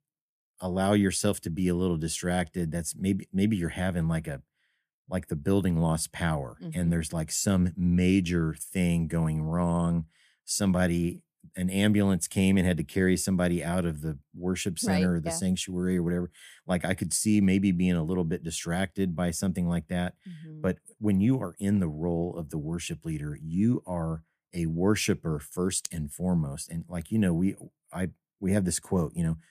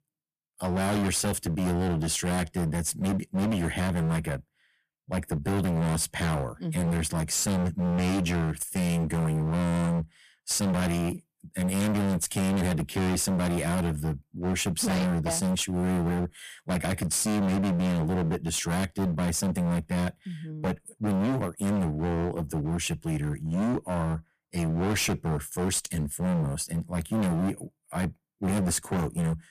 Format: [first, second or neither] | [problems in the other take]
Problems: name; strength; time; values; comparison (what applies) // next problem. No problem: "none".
first | distortion; heavy; 30% of the sound clipped